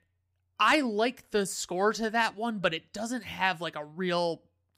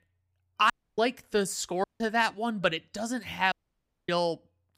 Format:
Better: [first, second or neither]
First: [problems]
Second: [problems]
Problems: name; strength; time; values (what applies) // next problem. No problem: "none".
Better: first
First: none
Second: audio cutting out; at 0.5 s, at 2 s and at 3.5 s for 0.5 s